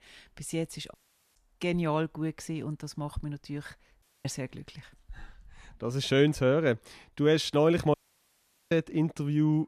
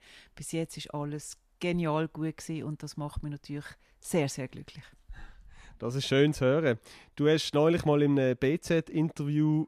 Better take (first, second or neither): second